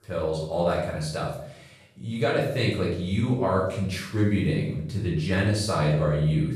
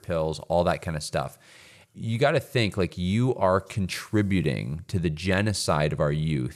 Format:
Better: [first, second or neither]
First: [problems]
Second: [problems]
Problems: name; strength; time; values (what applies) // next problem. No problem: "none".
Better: second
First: room echo; noticeable; dies away in 0.6 s // off-mic speech; far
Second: none